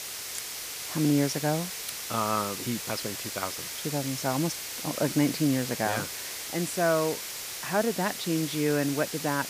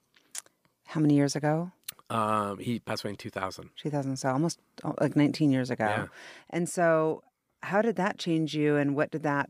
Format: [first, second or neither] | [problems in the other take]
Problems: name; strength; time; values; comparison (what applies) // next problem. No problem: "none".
second | hiss; loud; throughout; 5 dB below the speech